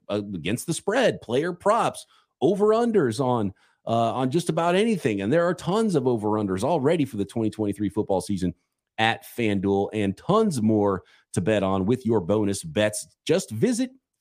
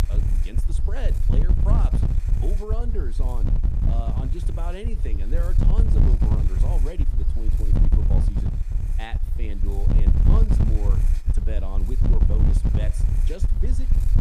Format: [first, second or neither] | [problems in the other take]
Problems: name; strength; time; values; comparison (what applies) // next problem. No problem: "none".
first | wind noise on the microphone; heavy; as loud as the speech